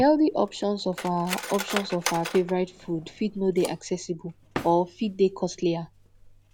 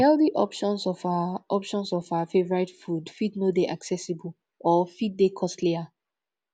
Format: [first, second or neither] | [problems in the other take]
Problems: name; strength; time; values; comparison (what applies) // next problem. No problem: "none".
second | background sound (Cutlery, silverware); 12 dB below the speech